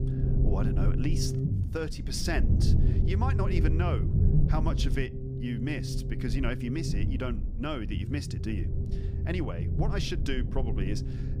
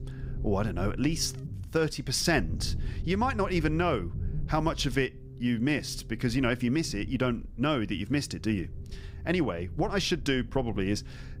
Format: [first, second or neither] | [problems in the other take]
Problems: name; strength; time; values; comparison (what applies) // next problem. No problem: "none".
second | low rumble; loud; throughout; 4 dB below the speech; faint in the second